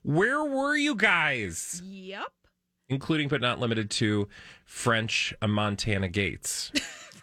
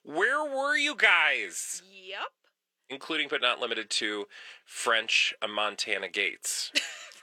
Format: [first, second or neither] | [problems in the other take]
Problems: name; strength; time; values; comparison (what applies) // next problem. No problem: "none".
first | thin; very; fading below 450 Hz